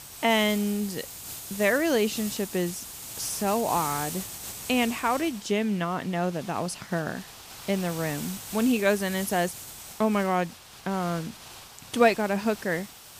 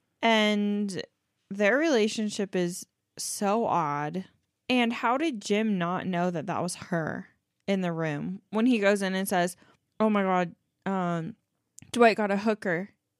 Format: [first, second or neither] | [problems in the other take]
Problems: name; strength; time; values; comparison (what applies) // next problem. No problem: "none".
second | hiss; noticeable; throughout; 10 dB below the speech